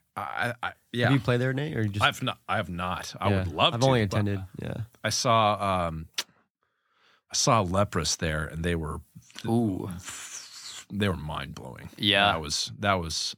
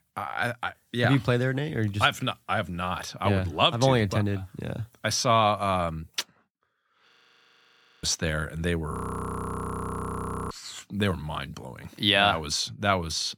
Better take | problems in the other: first | audio freezing; at 7 s for 1 s and at 9 s for 1.5 s

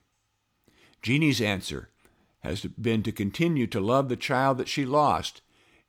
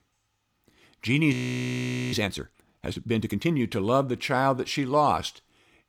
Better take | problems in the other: first | audio freezing; at 1.5 s for 1 s

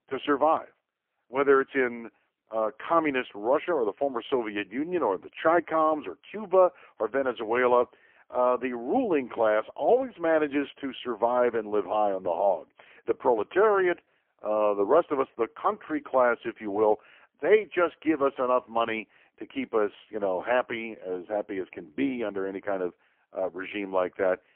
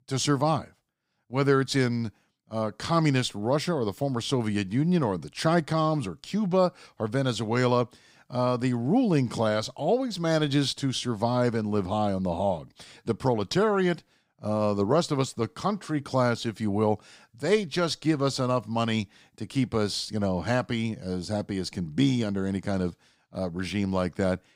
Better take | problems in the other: second | phone-call audio; poor line; nothing above 3.5 kHz

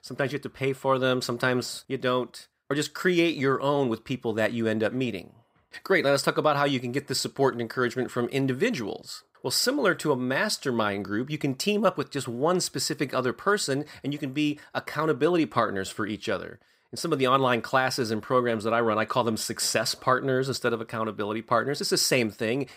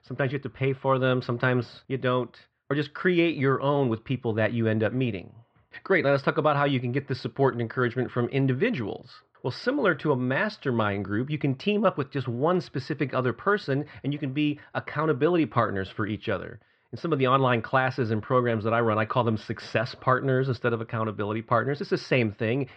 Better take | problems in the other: first | muffled; slightly; fading above 3.5 kHz

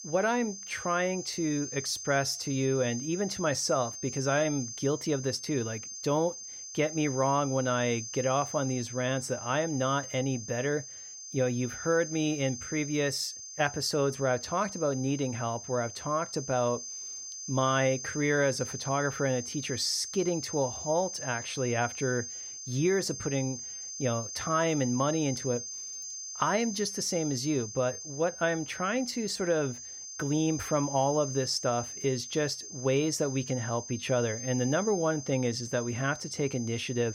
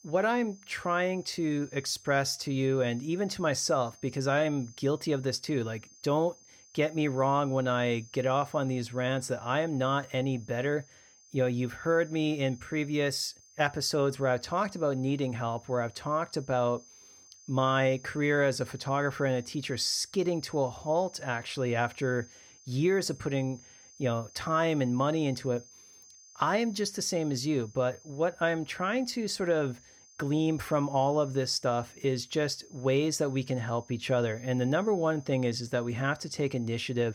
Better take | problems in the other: second | high-pitched whine; loud; throughout; 6.5 kHz, 8 dB below the speech; faint in the second

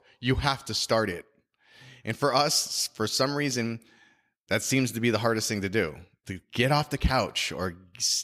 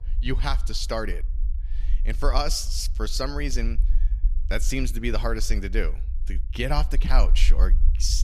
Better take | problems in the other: first | low rumble; faint; throughout; 20 dB below the speech

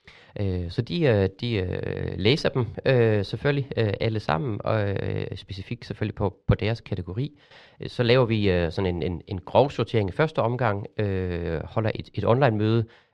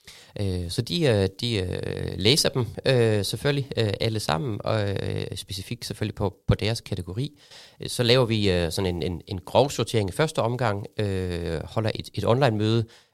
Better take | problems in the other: second | muffled; slightly; fading above 2.5 kHz

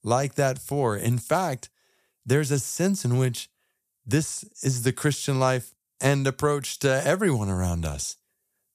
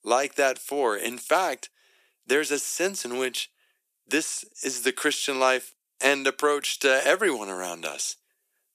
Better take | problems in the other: first | thin; somewhat; fading below 300 Hz

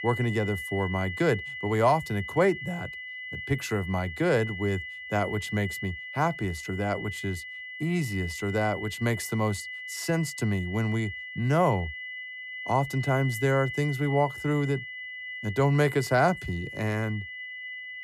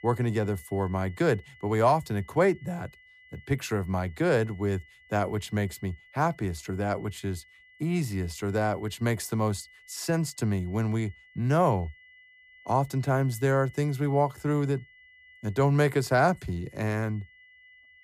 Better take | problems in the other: second | high-pitched whine; loud; throughout; 2 kHz, 8 dB below the speech; faint in the second

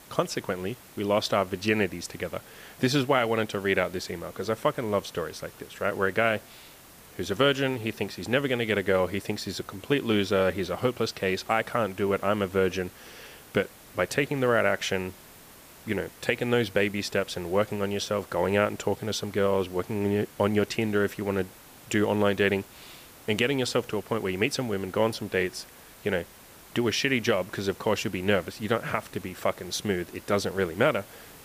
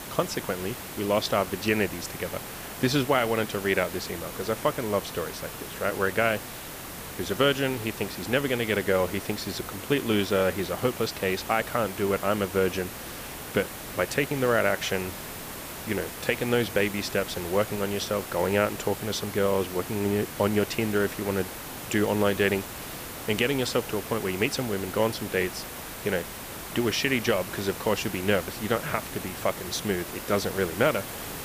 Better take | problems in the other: first | hiss; loud; throughout; 9 dB below the speech; faint in the first

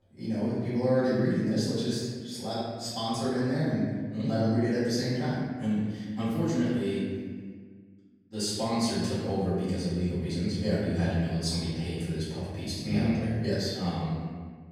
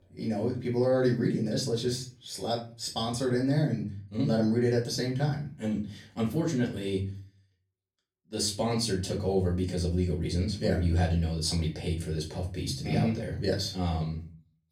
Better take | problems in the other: second | room echo; strong; dies away in 1.6 s; slight in the second // off-mic speech; far; far in the second

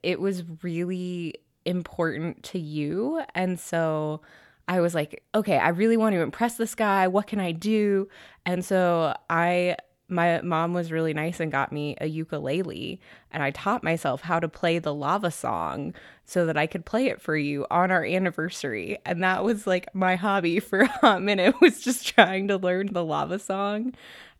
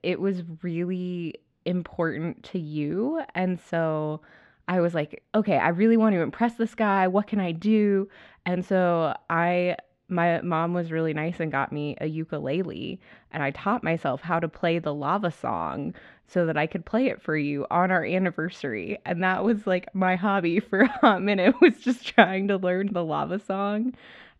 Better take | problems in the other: first | muffled; slightly; fading above 3 kHz

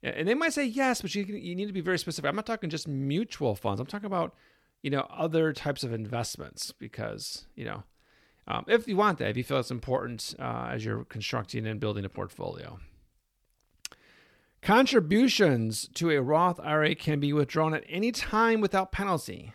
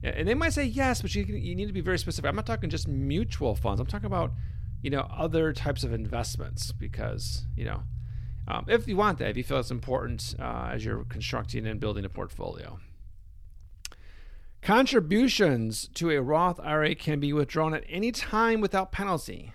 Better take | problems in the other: first | low rumble; faint; throughout; 20 dB below the speech

